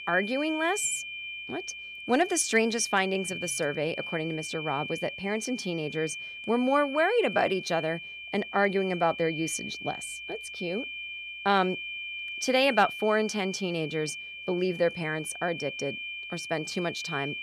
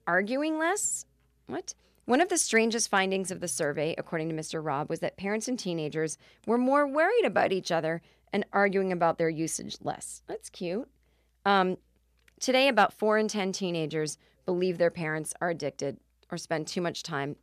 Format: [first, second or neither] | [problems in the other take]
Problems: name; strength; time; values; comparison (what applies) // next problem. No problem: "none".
second | high-pitched whine; loud; throughout; 2.5 kHz, 8 dB below the speech